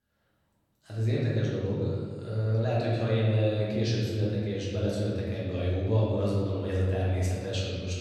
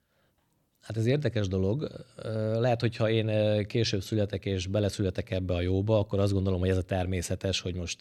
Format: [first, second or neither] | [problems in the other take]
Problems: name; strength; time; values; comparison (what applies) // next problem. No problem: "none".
second | room echo; strong; dies away in 1.7 s // off-mic speech; far